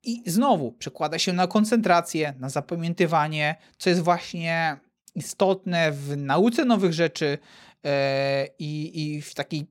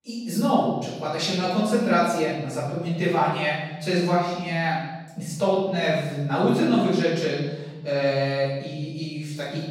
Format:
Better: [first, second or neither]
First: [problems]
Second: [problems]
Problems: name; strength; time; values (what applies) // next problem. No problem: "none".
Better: first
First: none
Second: off-mic speech; far // room echo; noticeable; dies away in 1.3 s